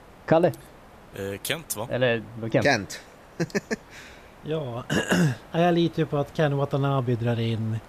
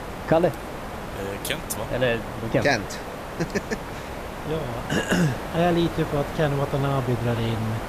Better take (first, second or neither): first